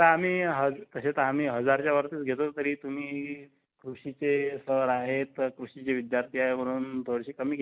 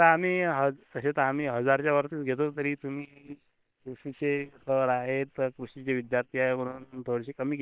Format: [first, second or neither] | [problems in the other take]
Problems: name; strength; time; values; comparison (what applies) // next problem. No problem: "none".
first | noise reduction (neural separator model SepFormer WHAM!)